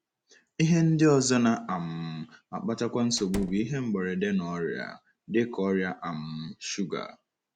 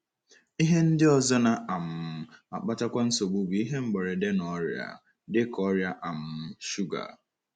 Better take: second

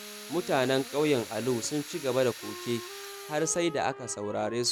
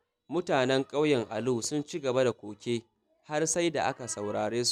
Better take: second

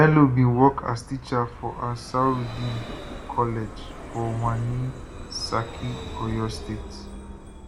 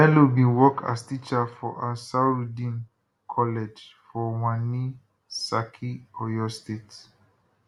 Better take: second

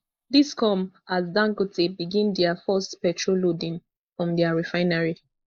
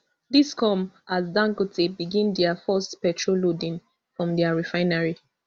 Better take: second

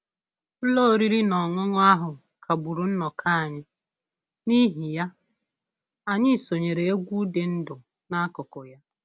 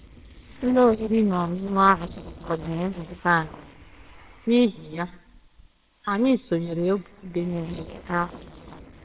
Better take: first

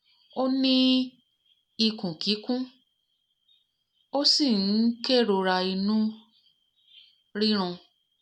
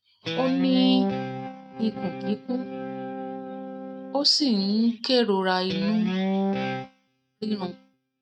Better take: first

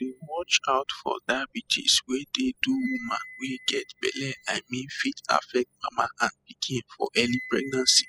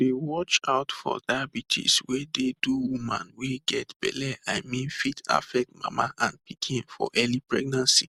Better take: second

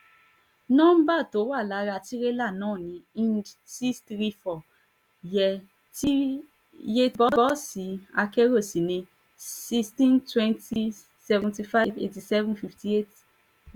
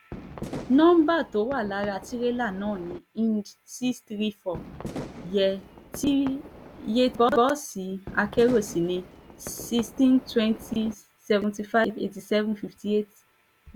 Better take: first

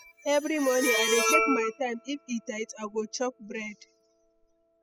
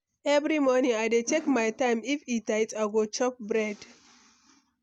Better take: second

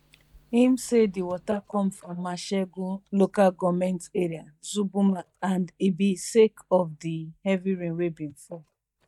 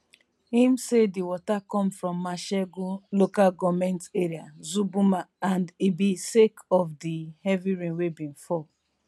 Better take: second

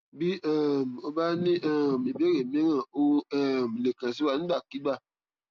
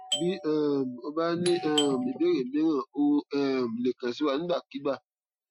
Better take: first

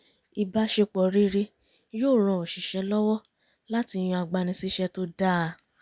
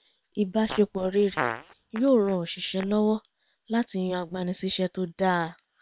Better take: first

